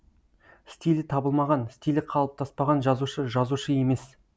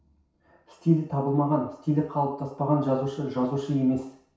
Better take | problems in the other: first | room echo; dies away in 0.6 s

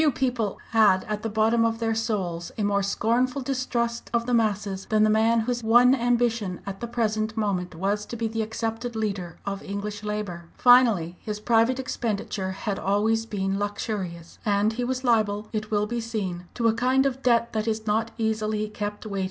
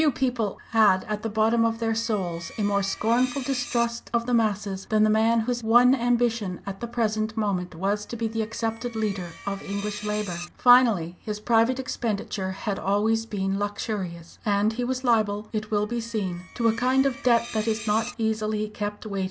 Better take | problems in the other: first | background sound (Screech); 18 dB below the speech

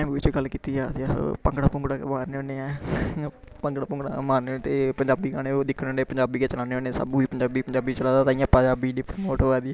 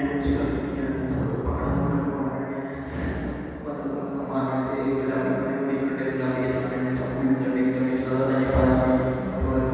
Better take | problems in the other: first | room echo; dies away in 2.1 s

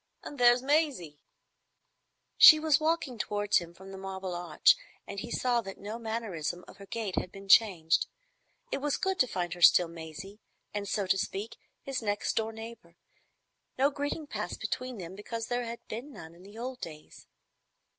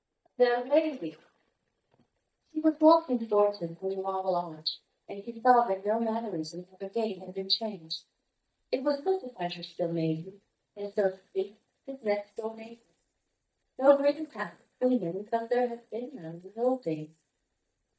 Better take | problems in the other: first | noise reduction (neural mask model DeepFilterNet 3)

